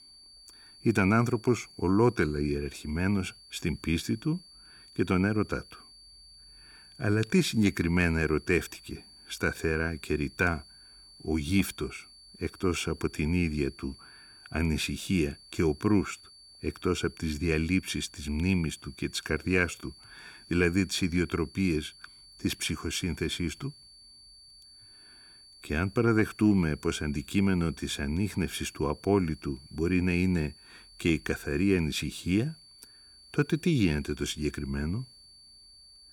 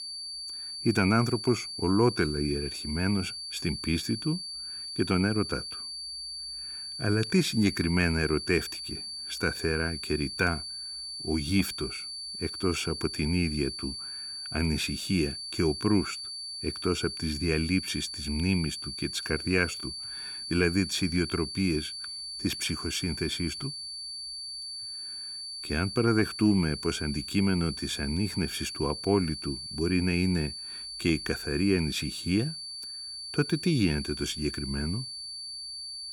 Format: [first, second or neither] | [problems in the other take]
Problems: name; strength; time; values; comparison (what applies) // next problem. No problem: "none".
first | high-pitched whine; loud; throughout; 4.5 kHz, 6 dB below the speech; faint in the first